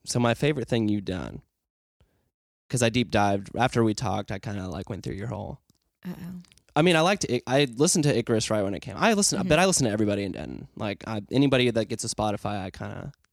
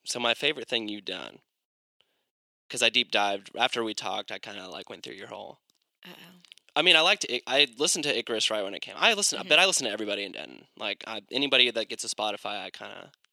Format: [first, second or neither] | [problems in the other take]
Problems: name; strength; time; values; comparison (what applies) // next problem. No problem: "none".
first | thin; somewhat; fading below 400 Hz